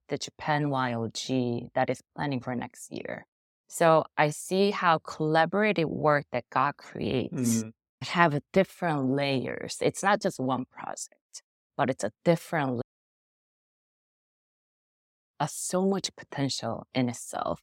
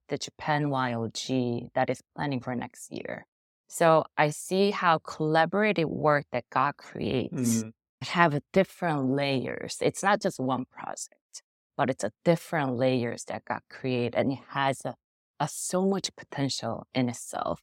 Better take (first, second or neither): second